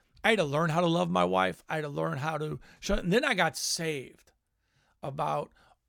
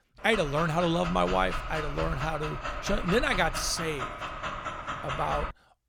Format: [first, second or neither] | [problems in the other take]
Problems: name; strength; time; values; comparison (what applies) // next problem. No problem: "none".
first | dog barking; noticeable; peak 4 dB below the speech